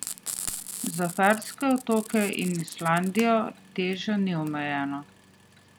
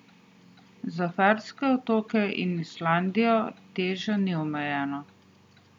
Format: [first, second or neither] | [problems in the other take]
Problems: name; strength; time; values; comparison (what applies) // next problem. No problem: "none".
second | background sound (Frying (food)); 13 dB below the speech